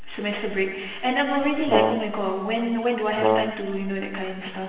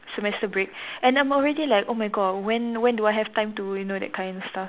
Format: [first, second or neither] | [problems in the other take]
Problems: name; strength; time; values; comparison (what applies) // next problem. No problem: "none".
second | background sound (Brass instrument); 1 dB above the speech // room echo; dies away in 1.2 s